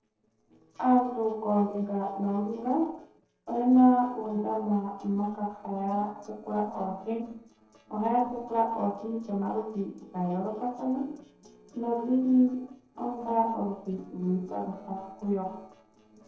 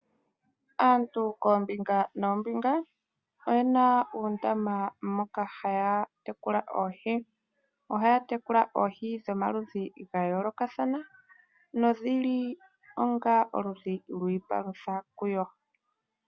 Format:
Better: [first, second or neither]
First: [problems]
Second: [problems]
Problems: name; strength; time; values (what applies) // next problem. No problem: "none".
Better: second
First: noise reduction (neural separator model SepFormer DNS4)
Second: none